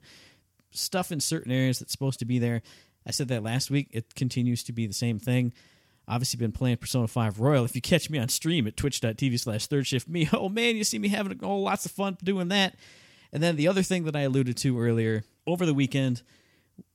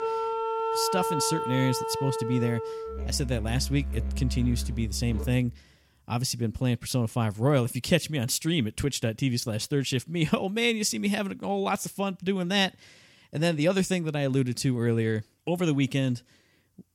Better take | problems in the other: first | background music; loud; until 5.5 s; 4 dB below the speech

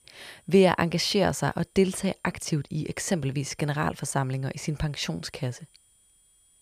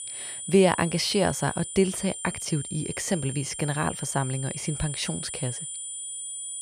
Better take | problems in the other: first | high-pitched whine; loud; throughout; 9 kHz, 7 dB below the speech; faint in the first

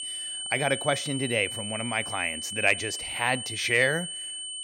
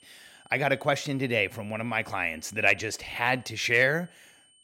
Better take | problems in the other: second | high-pitched whine; loud; throughout; 3 kHz, 6 dB below the speech; faint in the second

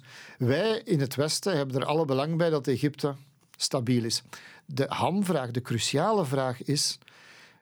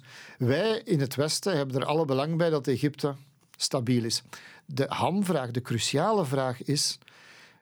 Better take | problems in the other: neither | none

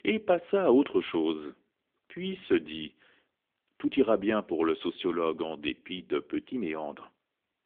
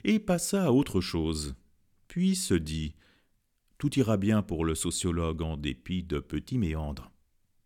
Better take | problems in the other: second | phone-call audio; nothing above 3.5 kHz

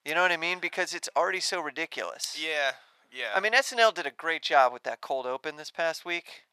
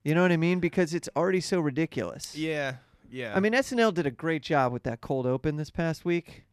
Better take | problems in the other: second | thin; very; fading below 900 Hz

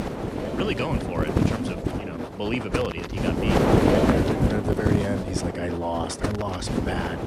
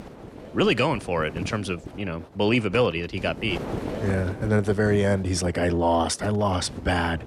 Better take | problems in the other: second | wind noise on the microphone; heavy; 4 dB above the speech; occasional gusts in the second

